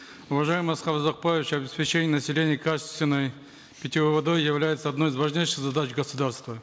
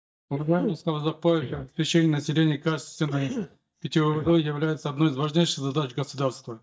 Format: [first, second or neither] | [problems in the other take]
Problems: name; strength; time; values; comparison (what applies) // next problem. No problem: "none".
first | noise reduction (neural mask model DeepFilterNet 3)